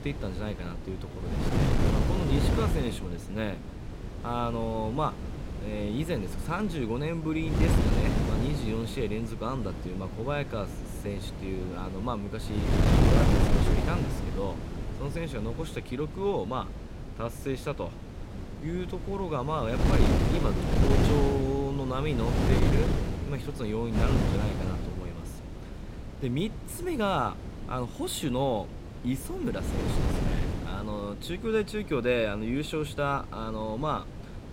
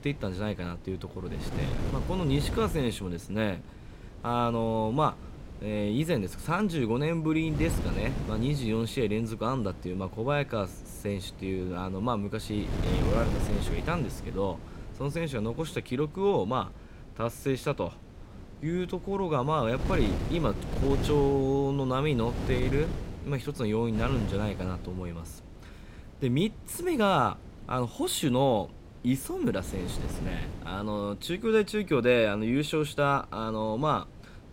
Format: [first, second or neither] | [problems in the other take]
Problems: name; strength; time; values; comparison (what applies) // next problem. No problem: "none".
second | wind noise on the microphone; heavy; 3 dB below the speech; occasional gusts in the second